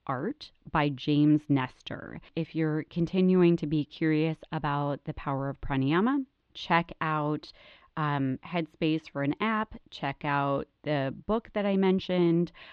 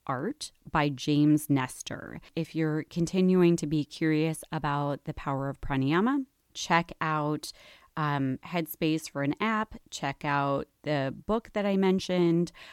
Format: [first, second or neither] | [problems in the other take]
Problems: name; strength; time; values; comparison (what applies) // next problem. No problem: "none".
second | muffled; slightly; fading above 3.5 kHz